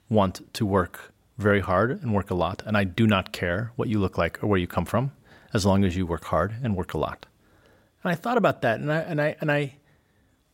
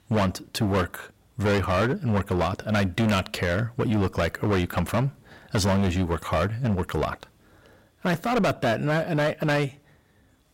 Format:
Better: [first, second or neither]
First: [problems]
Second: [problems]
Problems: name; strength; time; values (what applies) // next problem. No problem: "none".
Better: first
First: none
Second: distortion; heavy; 15% of the sound clipped